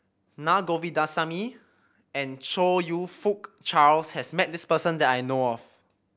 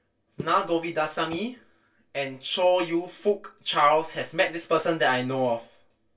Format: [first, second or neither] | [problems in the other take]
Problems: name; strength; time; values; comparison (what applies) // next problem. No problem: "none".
first | background sound (Walk, footsteps); 19 dB below the speech // room echo; dies away in 0.2 s